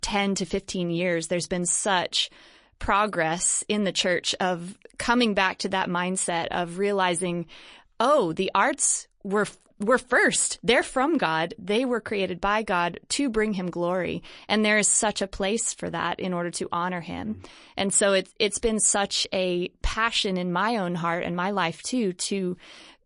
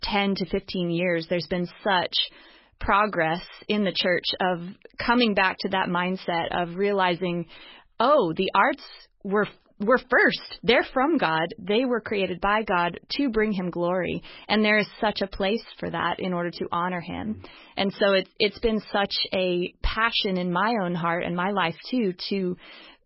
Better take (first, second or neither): first